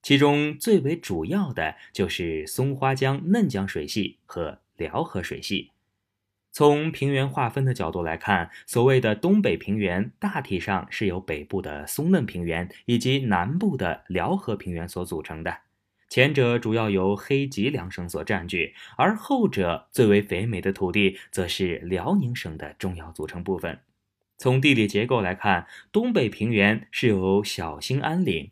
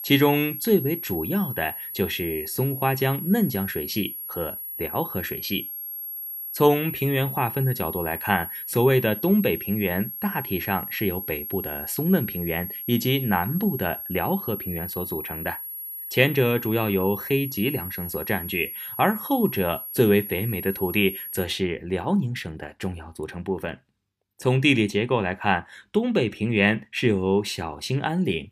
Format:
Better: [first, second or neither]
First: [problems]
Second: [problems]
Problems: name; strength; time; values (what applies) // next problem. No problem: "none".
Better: first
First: none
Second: high-pitched whine; loud; until 21 s; 11.5 kHz, 7 dB below the speech